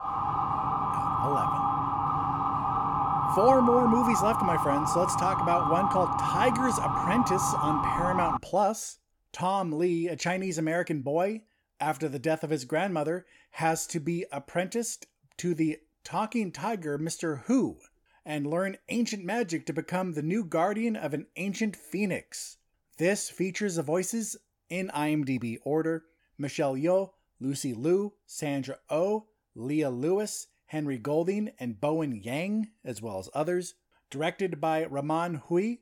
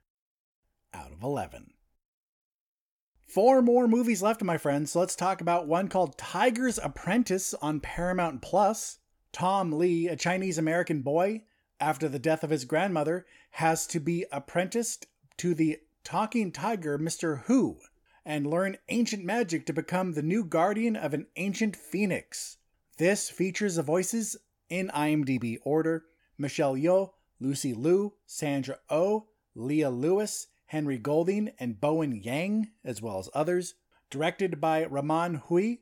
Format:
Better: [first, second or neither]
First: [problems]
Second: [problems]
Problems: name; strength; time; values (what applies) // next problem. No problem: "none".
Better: second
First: siren; loud; until 8.5 s; peak 4 dB above the speech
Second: none